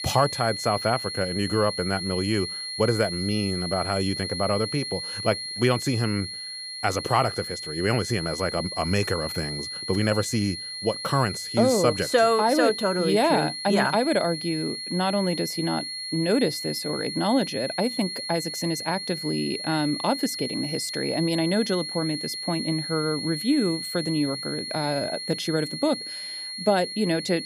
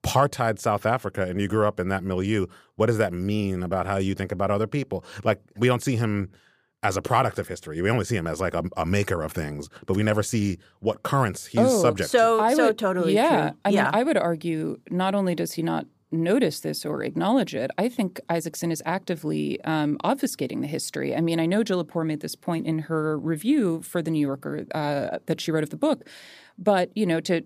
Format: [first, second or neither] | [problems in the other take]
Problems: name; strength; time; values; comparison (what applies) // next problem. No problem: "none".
second | high-pitched whine; loud; throughout; 4.5 kHz, 5 dB below the speech